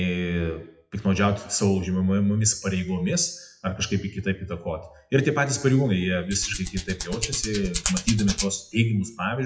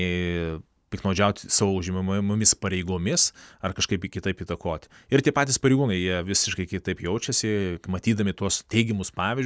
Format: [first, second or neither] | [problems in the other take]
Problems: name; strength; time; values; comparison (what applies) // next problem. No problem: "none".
second | noise reduction (classical method WPE with log-MMSE)